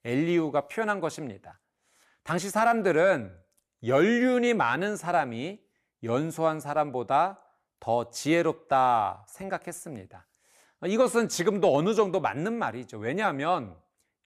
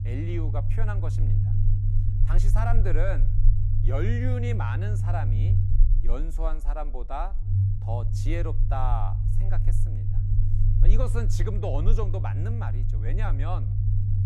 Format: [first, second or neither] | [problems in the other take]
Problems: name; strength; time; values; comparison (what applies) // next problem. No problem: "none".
first | low rumble; loud; throughout; 6 dB below the speech